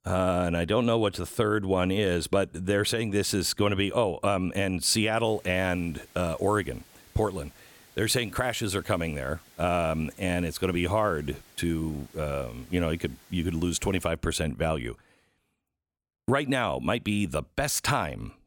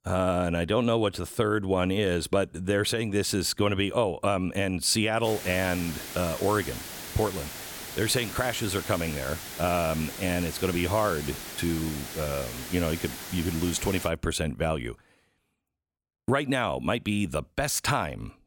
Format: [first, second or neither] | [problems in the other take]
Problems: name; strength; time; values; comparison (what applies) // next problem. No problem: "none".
first | hiss; loud; from 5 to 14 s; 9 dB below the speech; faint in the first